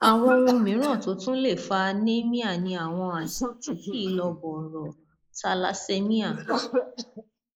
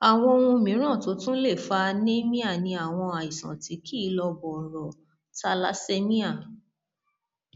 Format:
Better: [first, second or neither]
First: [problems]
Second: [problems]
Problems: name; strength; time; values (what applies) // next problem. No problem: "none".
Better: second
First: noise reduction (neural mask model Resemble Enhance denoiser)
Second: none